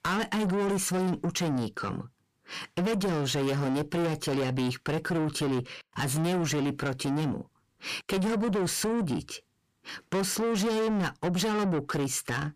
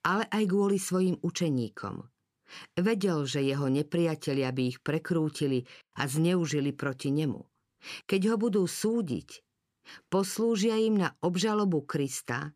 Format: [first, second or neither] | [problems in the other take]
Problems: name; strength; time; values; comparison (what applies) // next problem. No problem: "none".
second | distortion; heavy; 7 dB below the speech